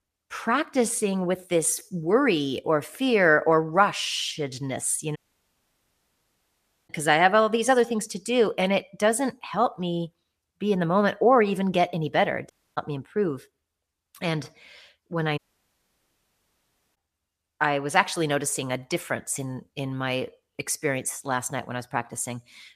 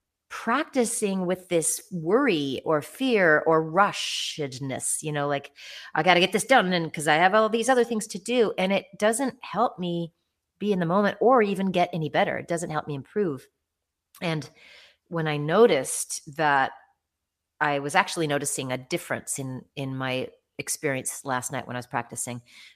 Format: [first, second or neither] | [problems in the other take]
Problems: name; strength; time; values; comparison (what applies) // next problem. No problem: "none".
second | audio cutting out; at 5 s for 1.5 s, at 13 s and at 15 s for 1.5 s